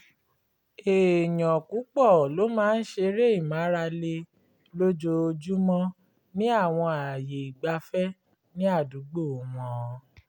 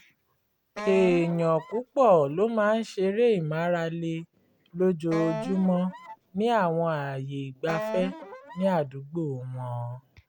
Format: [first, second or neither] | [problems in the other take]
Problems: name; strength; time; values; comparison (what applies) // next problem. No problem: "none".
first | background sound (Wind instrument, woodwind instrument); 10 dB below the speech